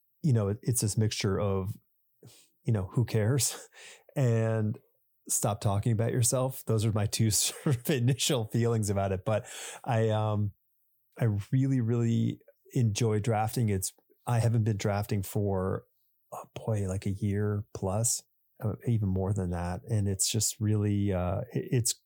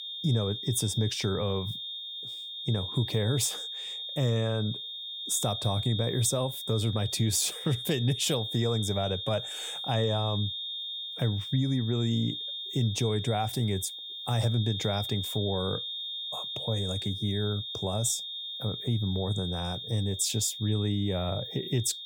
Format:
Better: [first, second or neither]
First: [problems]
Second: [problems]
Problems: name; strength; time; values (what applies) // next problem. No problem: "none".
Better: first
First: none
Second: high-pitched whine; loud; throughout; 3.5 kHz, 5 dB below the speech